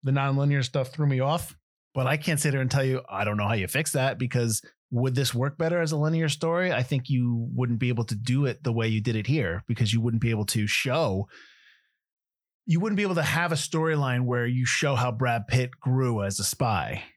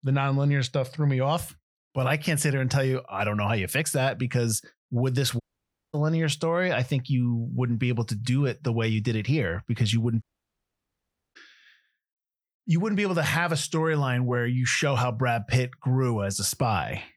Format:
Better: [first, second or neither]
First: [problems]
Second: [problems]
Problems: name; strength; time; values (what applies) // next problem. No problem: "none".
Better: first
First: none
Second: audio cutting out; at 5.5 s for 0.5 s and at 10 s for 1 s